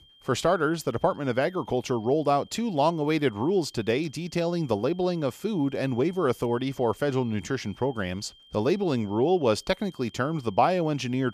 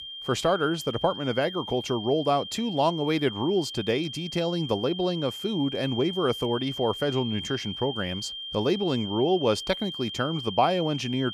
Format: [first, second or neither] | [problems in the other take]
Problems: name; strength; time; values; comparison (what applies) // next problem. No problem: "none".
first | high-pitched whine; loud; throughout; 3 kHz, 8 dB below the speech; faint in the first